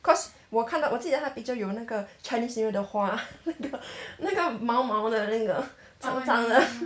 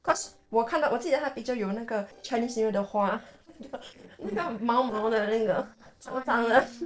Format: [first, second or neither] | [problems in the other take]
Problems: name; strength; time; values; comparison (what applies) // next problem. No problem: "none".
first | noise reduction (neural separator model SepFormer DNS4)